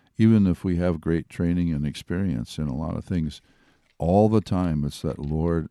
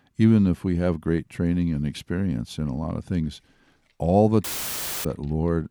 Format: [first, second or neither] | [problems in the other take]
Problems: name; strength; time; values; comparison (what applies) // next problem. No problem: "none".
first | audio cutting out; filled with static; at 4.5 s for 0.5 s